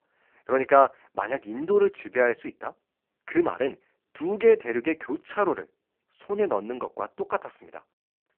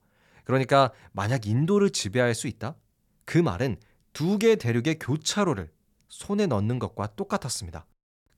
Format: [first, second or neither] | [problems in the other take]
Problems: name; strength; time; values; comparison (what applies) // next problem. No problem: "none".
second | phone-call audio; poor line